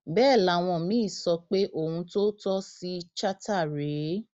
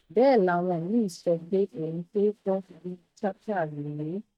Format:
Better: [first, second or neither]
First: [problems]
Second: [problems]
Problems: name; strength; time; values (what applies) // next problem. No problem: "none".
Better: first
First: none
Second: noise reduction (neural mask model DeepFilterNet 3)